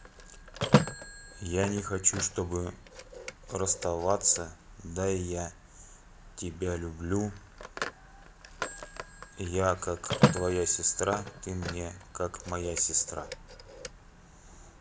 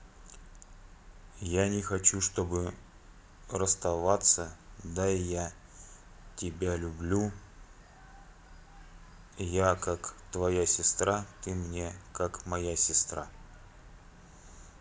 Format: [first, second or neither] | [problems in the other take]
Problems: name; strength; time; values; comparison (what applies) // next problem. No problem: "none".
second | background sound (Telephone); 3 dB below the speech